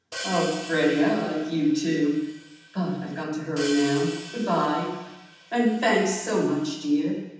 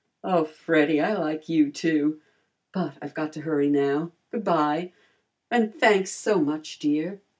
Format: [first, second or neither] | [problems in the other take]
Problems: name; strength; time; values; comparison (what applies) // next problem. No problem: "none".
second | background sound (Hi-hat); 15 dB below the speech // room echo; dies away in 1.1 s